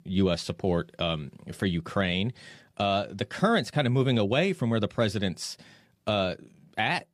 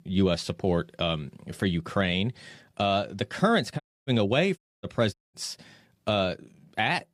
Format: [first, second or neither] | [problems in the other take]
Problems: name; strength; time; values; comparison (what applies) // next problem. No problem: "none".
first | audio cutting out; at 4 s, at 4.5 s and at 5 s